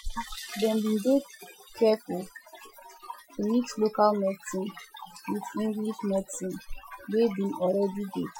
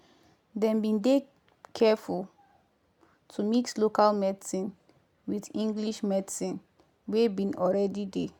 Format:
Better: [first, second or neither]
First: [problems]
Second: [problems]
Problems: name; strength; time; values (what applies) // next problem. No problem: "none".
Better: second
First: noise reduction (classical method Wiener filter)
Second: none